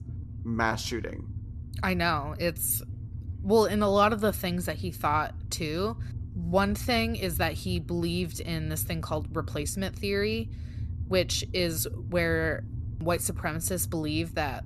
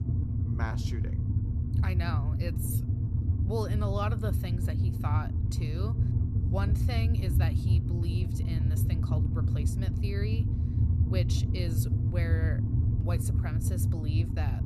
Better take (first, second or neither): first